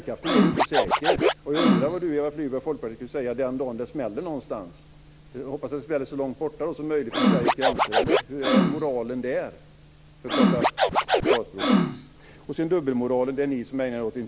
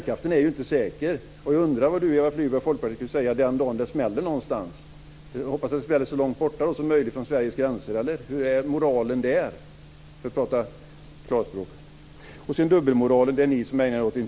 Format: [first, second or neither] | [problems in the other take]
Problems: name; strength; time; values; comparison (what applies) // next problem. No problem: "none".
second | background sound (Scratching (performance technique)); 5 dB above the speech